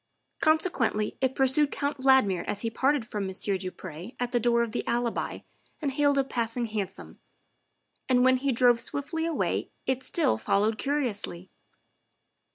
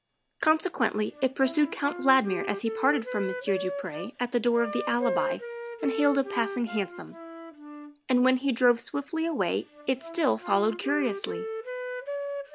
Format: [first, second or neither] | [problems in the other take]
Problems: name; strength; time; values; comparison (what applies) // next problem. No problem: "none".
first | background sound (Wind instrument, woodwind instrument); 8 dB below the speech